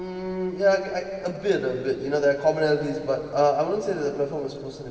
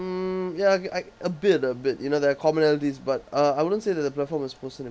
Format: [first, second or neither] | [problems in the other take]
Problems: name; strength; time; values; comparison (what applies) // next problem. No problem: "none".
second | room echo; dies away in 2.5 s